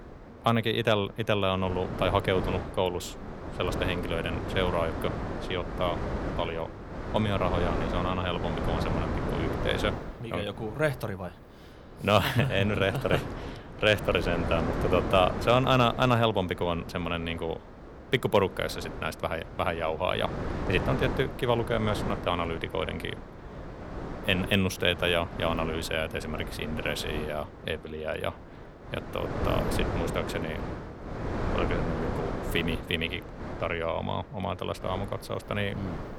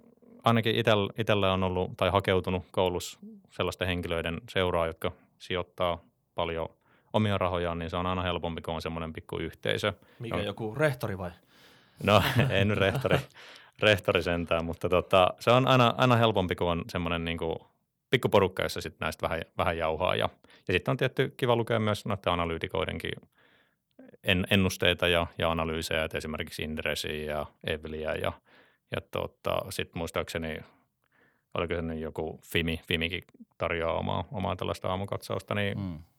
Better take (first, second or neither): second